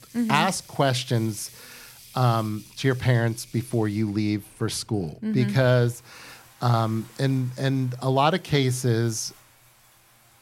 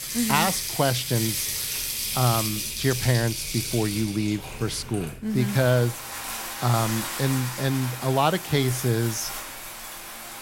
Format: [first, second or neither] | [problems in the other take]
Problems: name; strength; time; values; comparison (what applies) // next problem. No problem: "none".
first | household noises; loud; throughout; 4 dB below the speech; faint in the first